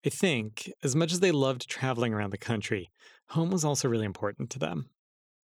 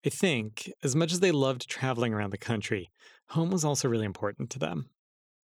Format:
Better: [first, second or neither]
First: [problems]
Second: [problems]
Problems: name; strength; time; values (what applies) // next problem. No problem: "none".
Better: neither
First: none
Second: none